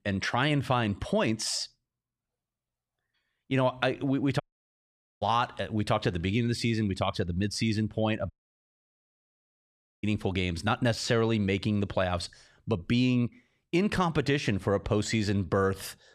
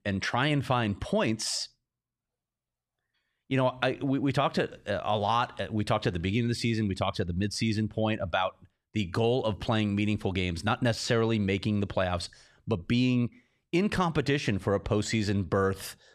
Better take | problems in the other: second | audio cutting out; at 4.5 s for 1 s and at 8.5 s for 1.5 s

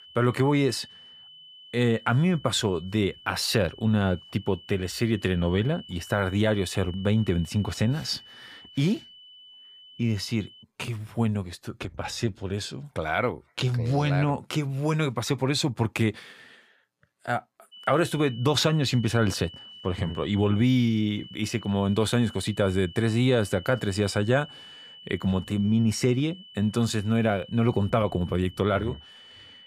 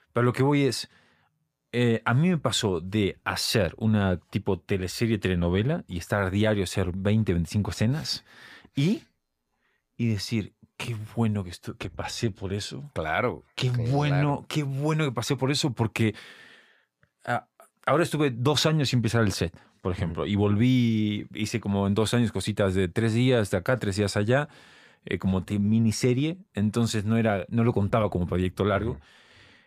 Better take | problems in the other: second | high-pitched whine; noticeable; until 11 s and from 18 s on; 3 kHz, 20 dB below the speech

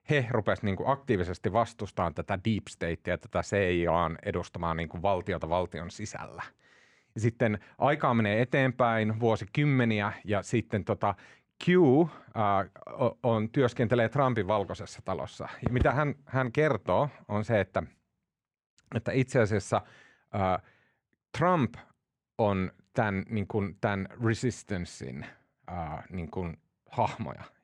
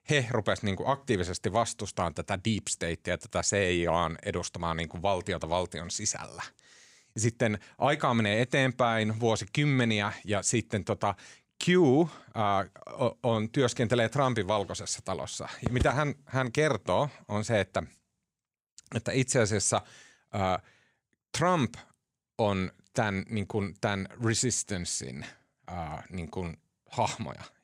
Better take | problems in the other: second | muffled; slightly; fading above 4 kHz

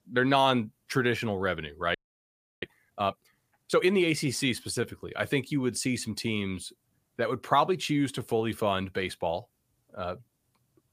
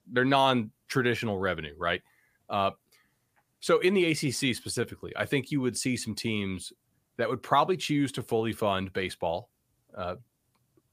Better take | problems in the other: second | audio freezing; at 2 s for 0.5 s

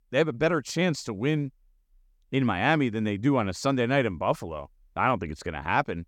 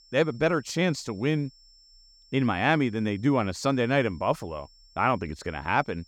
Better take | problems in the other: first | high-pitched whine; faint; throughout; 5.5 kHz, 30 dB below the speech

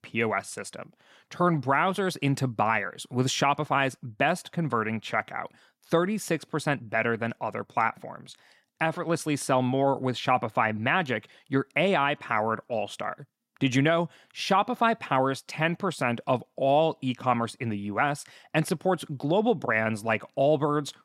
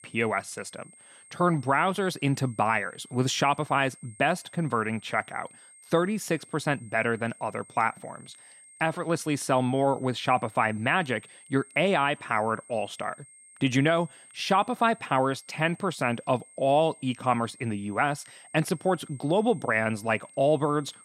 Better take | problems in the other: first | high-pitched whine; faint; throughout; 8.5 kHz, 25 dB below the speech

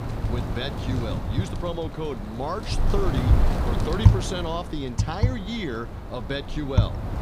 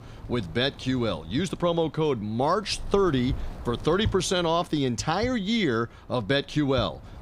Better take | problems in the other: second | wind noise on the microphone; heavy; 3 dB below the speech; occasional gusts in the second

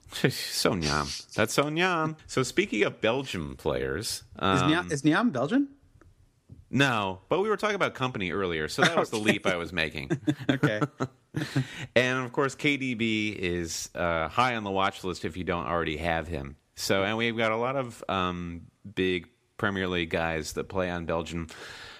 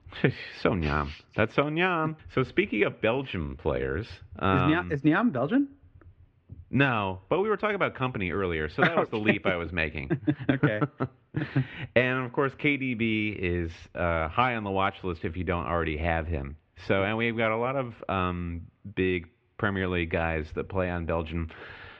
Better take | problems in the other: first | muffled; very; fading above 2.5 kHz

